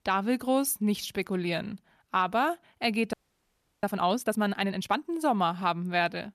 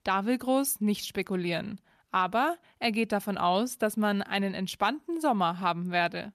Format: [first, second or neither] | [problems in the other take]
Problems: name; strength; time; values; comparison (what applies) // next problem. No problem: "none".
second | audio freezing; at 3 s for 0.5 s